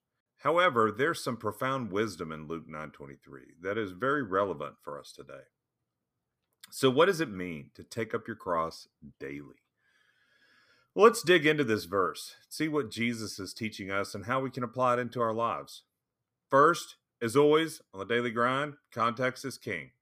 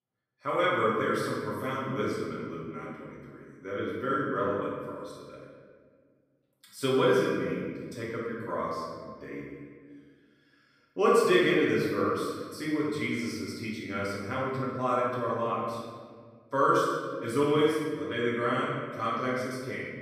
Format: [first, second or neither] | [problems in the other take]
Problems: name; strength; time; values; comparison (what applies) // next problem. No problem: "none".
first | room echo; strong; dies away in 1.6 s // off-mic speech; far